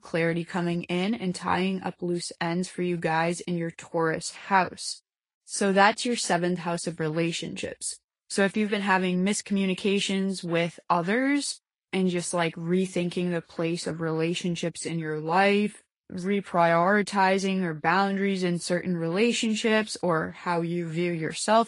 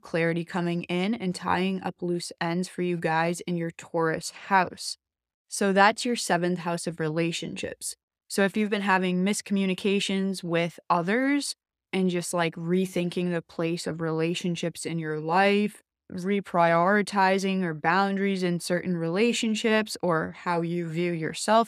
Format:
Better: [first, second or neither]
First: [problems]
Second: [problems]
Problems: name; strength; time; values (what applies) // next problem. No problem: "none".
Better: second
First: garbled, watery; slightly; nothing above 10.5 kHz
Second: none